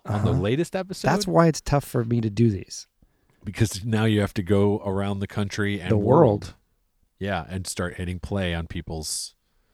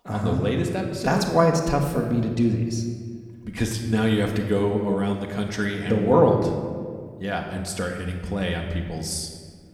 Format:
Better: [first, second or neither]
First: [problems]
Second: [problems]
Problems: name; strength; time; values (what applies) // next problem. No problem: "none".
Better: first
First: none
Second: room echo; slight; dies away in 1.4 s